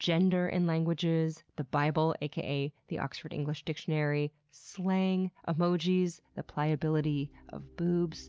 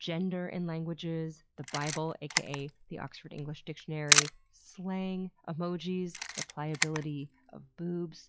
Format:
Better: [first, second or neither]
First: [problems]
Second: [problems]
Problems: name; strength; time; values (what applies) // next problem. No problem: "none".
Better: first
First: none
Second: noise reduction (classical method log-MMSE)